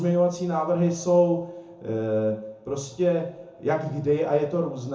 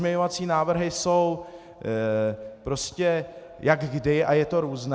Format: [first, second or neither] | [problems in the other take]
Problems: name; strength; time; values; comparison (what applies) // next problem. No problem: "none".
second | room echo; dies away in 0.5 s